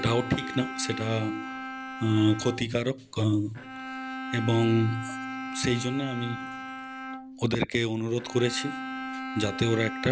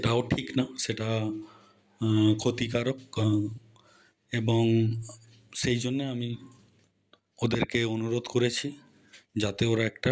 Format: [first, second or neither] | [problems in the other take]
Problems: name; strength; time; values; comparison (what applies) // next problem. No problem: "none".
second | background sound (Bowed string instrument); 9 dB below the speech